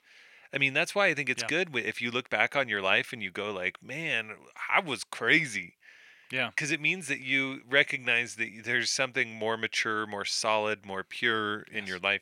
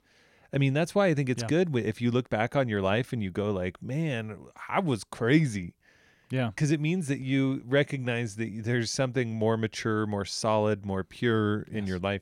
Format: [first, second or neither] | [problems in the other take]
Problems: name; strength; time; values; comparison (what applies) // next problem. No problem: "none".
second | thin; somewhat; fading below 900 Hz